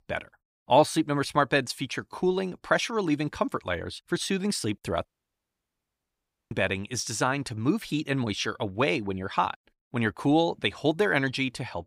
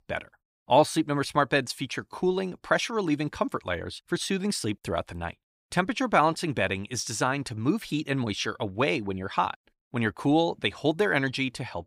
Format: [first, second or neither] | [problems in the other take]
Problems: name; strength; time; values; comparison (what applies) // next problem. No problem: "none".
second | audio cutting out; at 5 s for 1.5 s